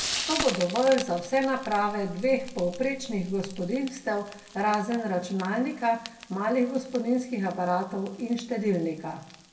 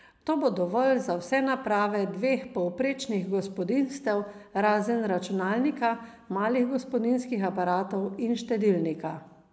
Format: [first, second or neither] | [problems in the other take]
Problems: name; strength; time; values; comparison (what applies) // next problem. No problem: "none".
second | background sound (Frying (food)); 12 dB below the speech // room echo; dies away in 0.2 s